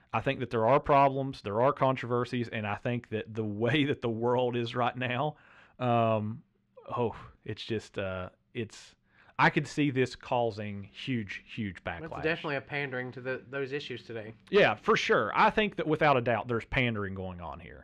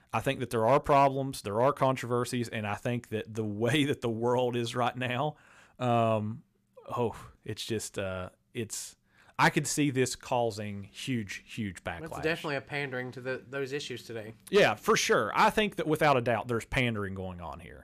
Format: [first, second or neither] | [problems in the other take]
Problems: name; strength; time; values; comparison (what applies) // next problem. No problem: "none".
second | muffled; slightly; fading above 3 kHz